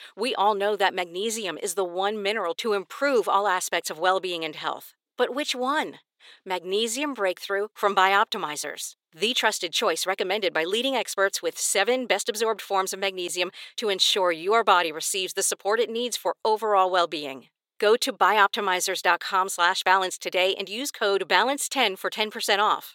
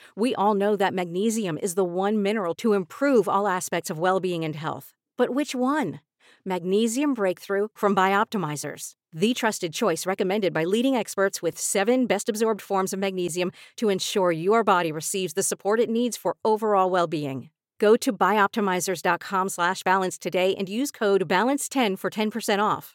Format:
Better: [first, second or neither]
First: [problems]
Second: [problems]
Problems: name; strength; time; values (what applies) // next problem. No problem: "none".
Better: second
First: thin; somewhat; fading below 450 Hz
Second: none